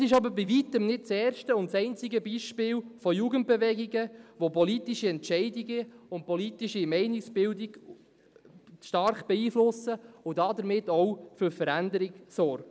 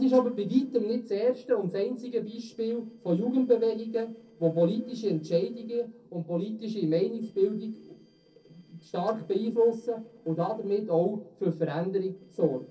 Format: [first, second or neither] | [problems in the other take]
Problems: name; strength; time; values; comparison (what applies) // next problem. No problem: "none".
first | noise reduction (neural separator model SepFormer DNS4)